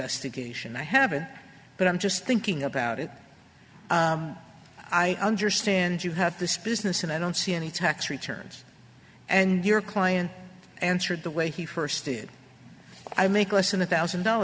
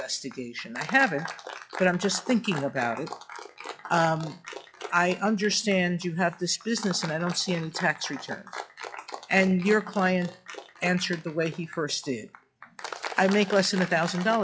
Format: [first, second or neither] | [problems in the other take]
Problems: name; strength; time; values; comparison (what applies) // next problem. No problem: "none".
first | noise reduction (classical method log-MMSE)